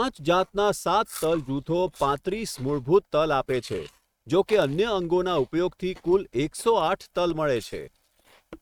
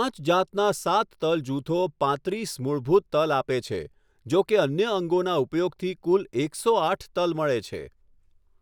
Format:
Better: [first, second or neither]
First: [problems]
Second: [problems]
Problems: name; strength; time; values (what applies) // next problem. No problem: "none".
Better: second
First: noise reduction (neural mask model RNNoise)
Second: none